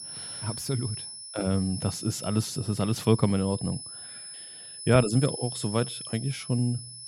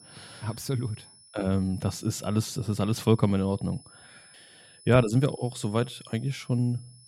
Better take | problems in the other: second | high-pitched whine; loud; throughout; 10 kHz, 9 dB below the speech; faint in the second

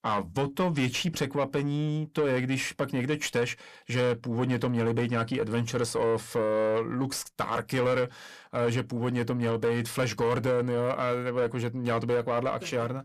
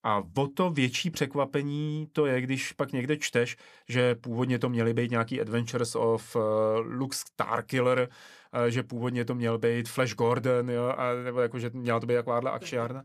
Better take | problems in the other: second | distortion; slight; 10 dB below the speech

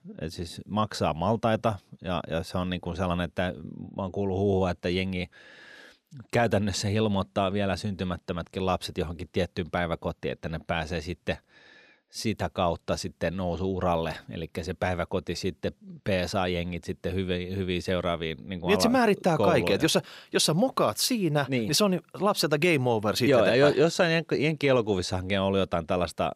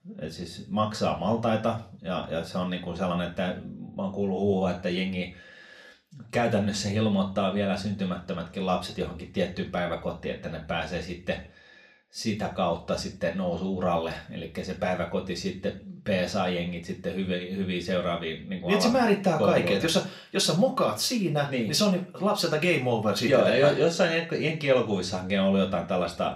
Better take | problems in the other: first | room echo; very slight; dies away in 0.3 s // off-mic speech; somewhat distant

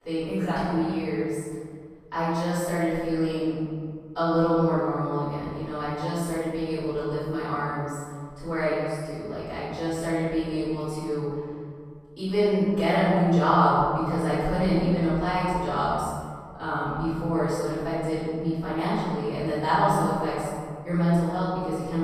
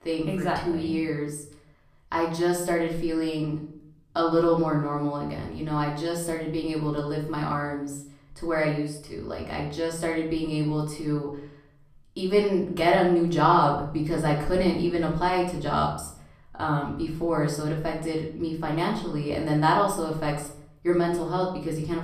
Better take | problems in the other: second | room echo; strong; dies away in 1.8 s; slight in the second // off-mic speech; far; far in the second

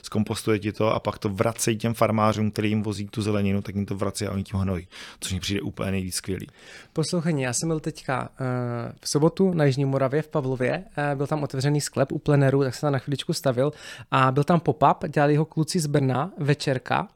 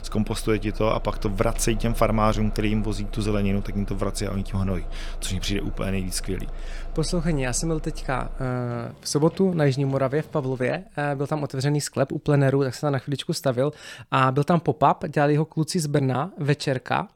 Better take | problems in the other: first | traffic noise; noticeable; until 10 s; 15 dB below the speech

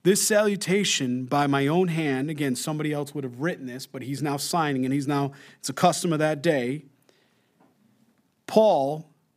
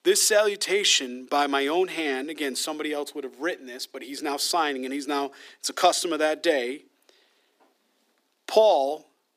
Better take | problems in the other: first | thin; somewhat; fading below 300 Hz

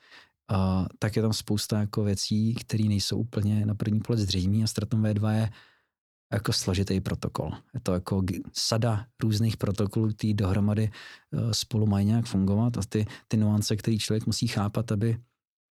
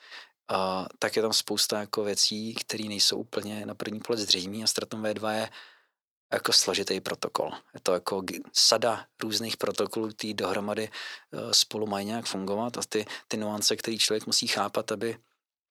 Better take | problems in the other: first | thin; very; fading below 500 Hz

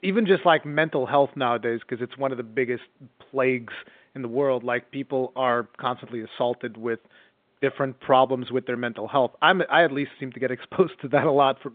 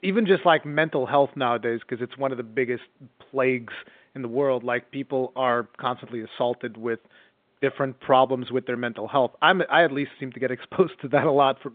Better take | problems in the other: neither | phone-call audio; nothing above 3 kHz; the same in both

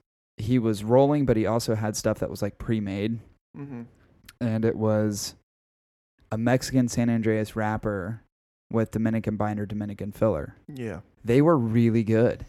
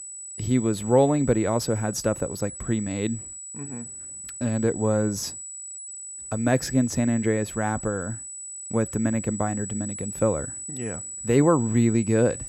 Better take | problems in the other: first | high-pitched whine; loud; throughout; 8 kHz, 10 dB below the speech

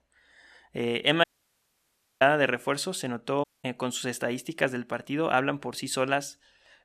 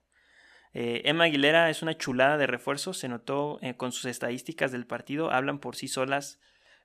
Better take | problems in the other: second | audio cutting out; at 1 s for 1 s and at 3.5 s

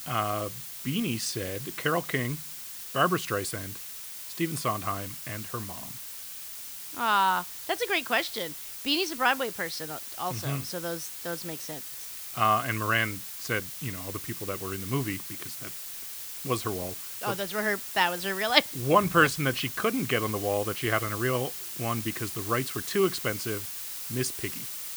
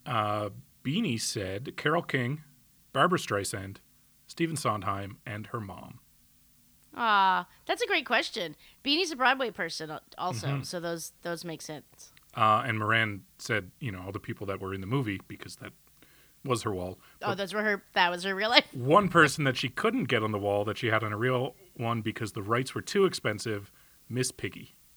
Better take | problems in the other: second | hiss; loud; throughout; 7 dB below the speech; faint in the second

